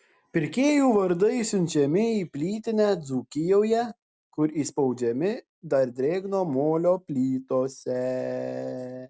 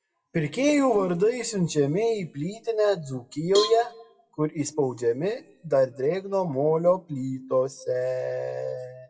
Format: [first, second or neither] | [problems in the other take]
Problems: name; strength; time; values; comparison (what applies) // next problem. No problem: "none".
first | noise reduction (classical method WPE with log-MMSE)